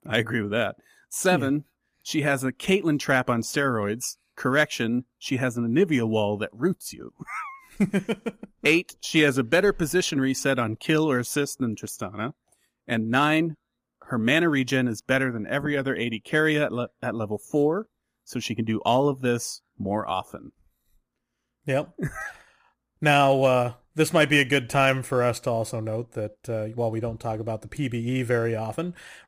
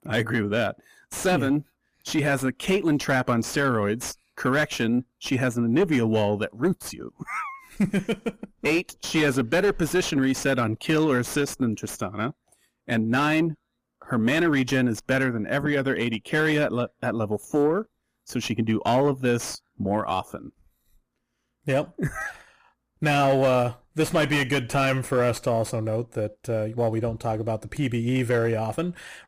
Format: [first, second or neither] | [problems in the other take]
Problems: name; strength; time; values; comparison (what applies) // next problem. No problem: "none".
first | distortion; slight; 10 dB below the speech